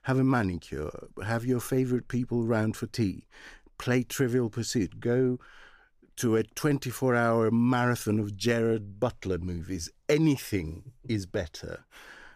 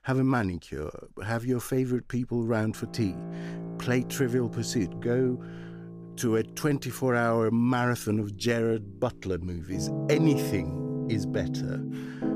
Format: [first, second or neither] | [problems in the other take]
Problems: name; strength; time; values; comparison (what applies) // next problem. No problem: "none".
first | background music; loud; from 3 s on; 6 dB below the speech